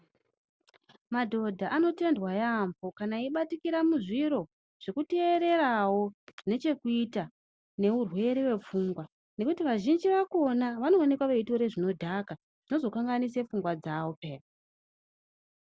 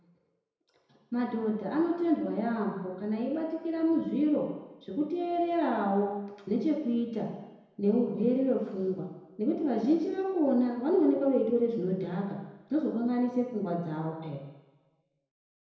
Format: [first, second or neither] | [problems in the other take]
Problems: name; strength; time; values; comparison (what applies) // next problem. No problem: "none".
first | room echo; dies away in 1 s